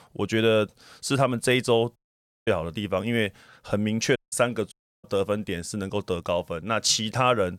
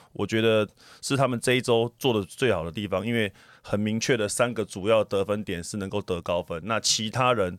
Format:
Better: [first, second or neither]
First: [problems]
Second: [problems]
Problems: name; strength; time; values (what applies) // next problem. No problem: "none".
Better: second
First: audio cutting out; at 2 s for 0.5 s, at 4 s and at 4.5 s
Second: none